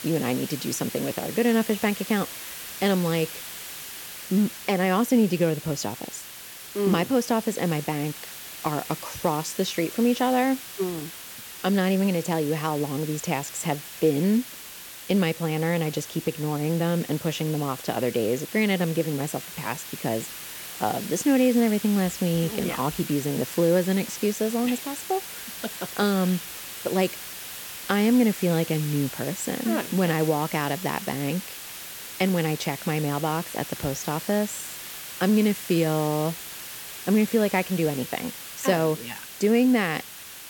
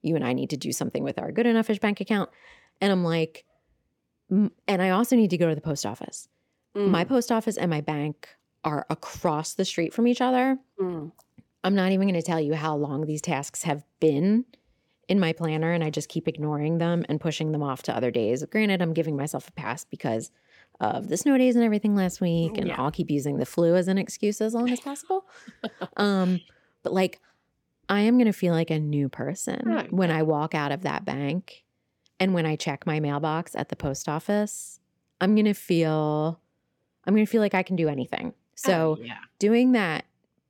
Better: second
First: hiss; noticeable; throughout; 10 dB below the speech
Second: none

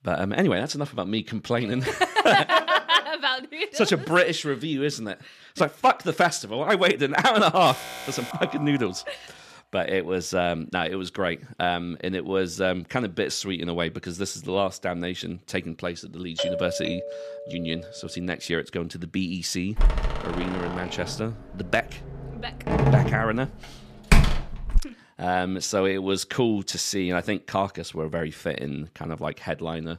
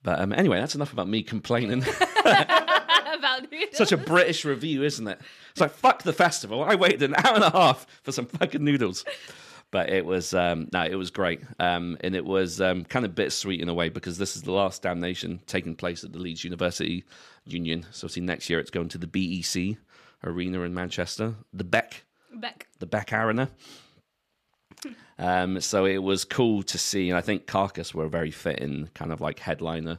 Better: second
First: alarm; noticeable; from 7.5 to 9.5 s; peak 9 dB below the speech // doorbell; noticeable; from 16 to 18 s; peak 2 dB below the speech // door banging; loud; from 20 to 25 s; peak 5 dB above the speech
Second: none

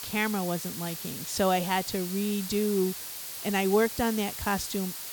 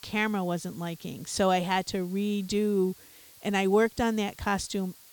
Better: second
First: hiss; loud; throughout; 6 dB below the speech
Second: hiss; faint; throughout; 20 dB below the speech

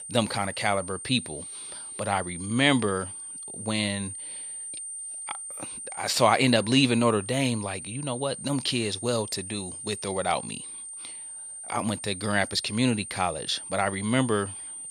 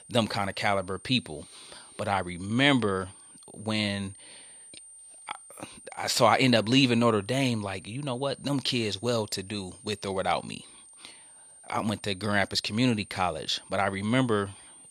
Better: second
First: high-pitched whine; loud; throughout; 9 kHz, 10 dB below the speech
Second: high-pitched whine; faint; throughout; 9 kHz, 20 dB below the speech

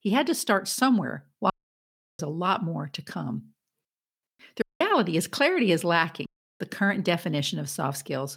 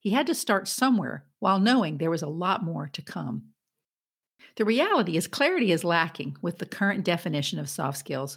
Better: second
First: audio cutting out; at 1.5 s for 0.5 s, at 4.5 s and at 6.5 s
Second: none

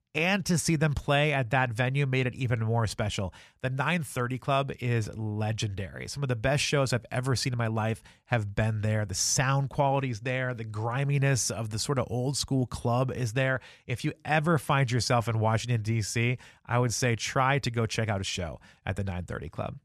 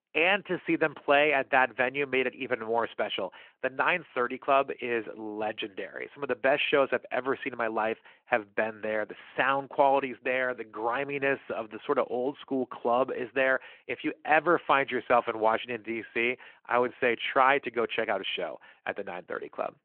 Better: first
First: none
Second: phone-call audio

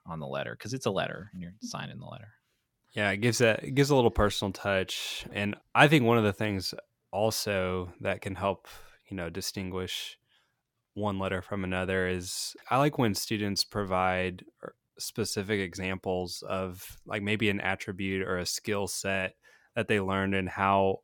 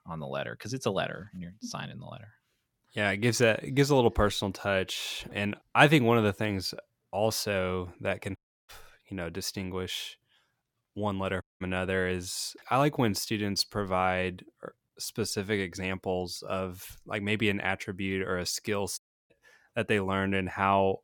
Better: first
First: none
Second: audio cutting out; at 8.5 s, at 11 s and at 19 s

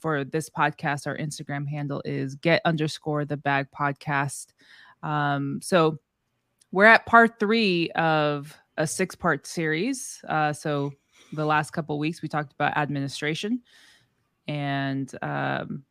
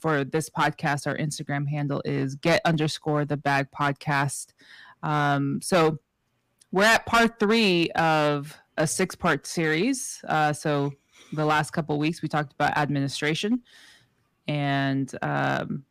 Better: first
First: none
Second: distortion; heavy; 5% of the sound clipped

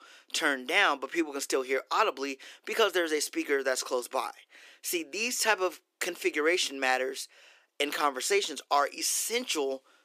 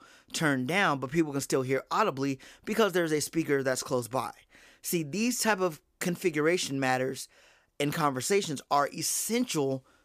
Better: second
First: thin; somewhat; fading below 300 Hz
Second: none

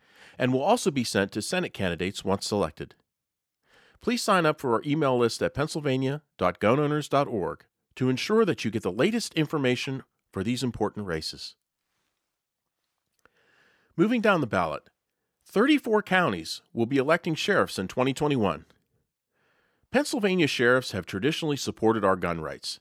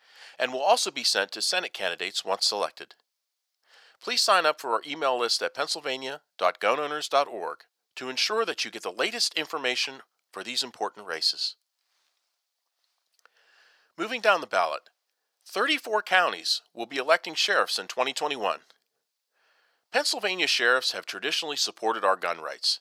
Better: first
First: none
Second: thin; very; fading below 700 Hz

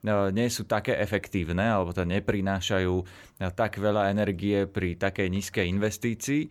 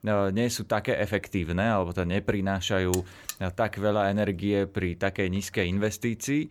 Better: first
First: none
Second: alarm; noticeable; at 3 s; peak 7 dB below the speech

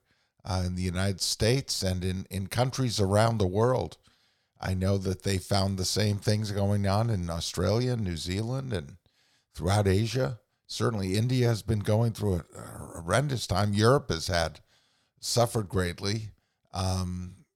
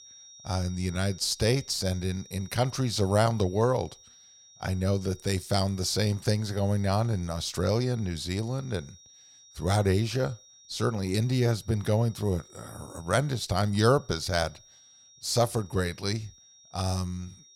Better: first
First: none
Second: high-pitched whine; faint; throughout; 5.5 kHz, 25 dB below the speech

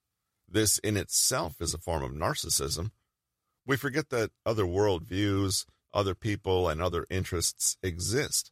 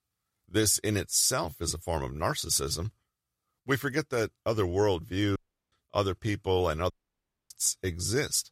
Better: first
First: none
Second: audio cutting out; at 5.5 s and at 7 s for 0.5 s

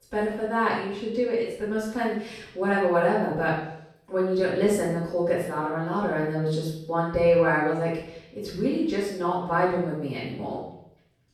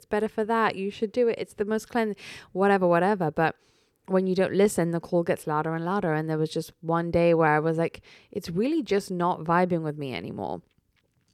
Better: second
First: off-mic speech; far // room echo; noticeable; dies away in 0.7 s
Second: none

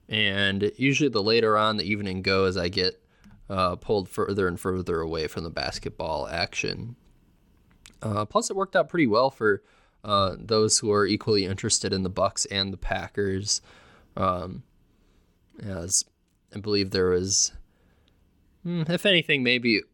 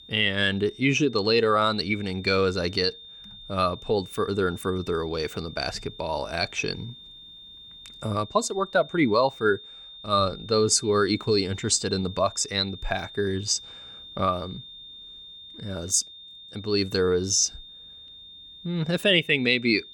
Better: first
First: none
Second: high-pitched whine; noticeable; throughout; 3.5 kHz, 20 dB below the speech

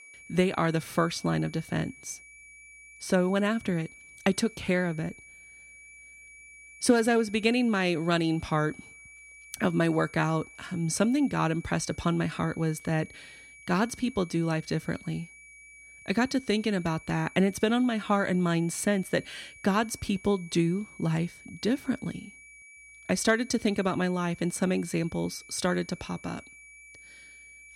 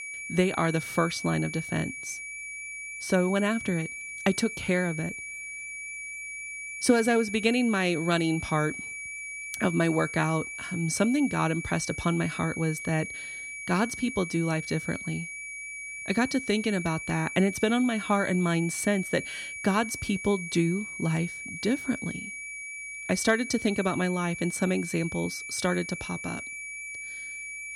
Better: first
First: high-pitched whine; faint; throughout; 2.5 kHz, 20 dB below the speech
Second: high-pitched whine; loud; throughout; 2.5 kHz, 8 dB below the speech

